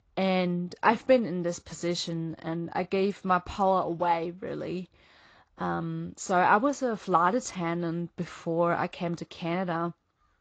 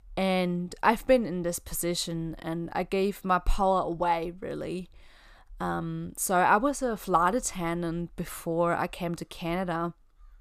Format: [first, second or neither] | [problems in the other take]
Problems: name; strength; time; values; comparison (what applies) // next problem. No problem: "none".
second | garbled, watery; slightly; nothing above 7.5 kHz